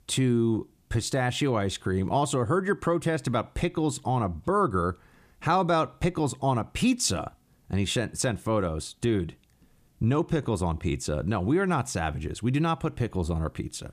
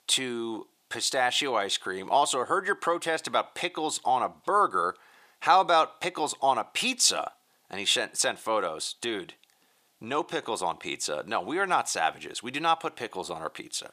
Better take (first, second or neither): first